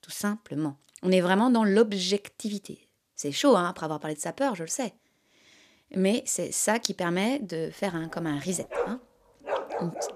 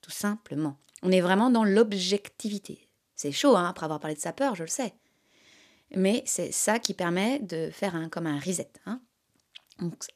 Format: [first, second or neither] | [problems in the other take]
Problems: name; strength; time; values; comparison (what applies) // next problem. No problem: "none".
second | animal sounds; loud; from 8 s on; 6 dB below the speech